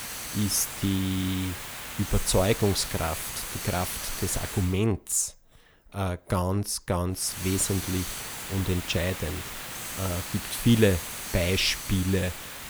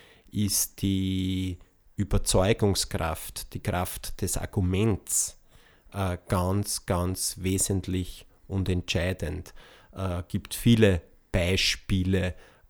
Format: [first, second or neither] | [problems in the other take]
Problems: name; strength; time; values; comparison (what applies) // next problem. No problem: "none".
second | hiss; loud; until 4.5 s and from 7.5 s on; 7 dB below the speech